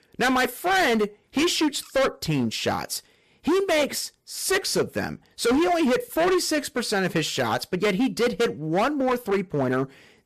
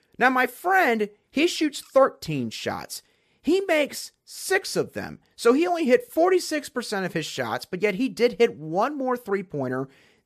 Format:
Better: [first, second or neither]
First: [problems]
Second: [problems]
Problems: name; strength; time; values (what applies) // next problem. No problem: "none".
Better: second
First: distortion; heavy; 16% of the sound clipped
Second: none